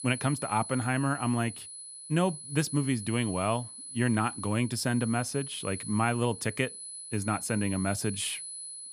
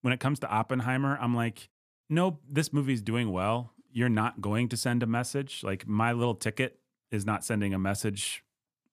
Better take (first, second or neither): second